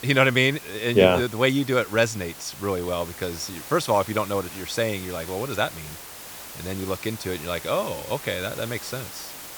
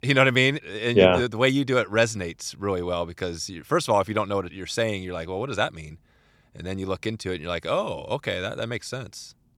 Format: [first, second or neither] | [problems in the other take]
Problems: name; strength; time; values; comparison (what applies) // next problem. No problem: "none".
second | hiss; noticeable; throughout; 15 dB below the speech